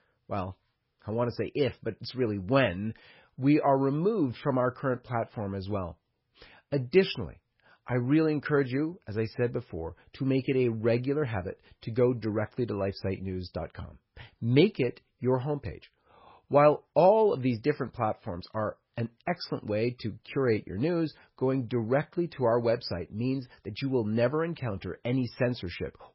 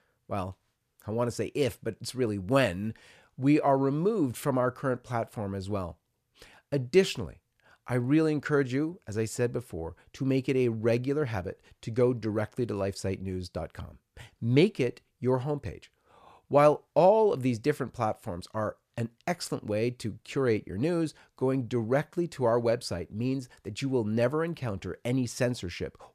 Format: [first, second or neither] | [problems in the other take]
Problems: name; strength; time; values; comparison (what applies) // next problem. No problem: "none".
second | garbled, watery; badly; nothing above 5.5 kHz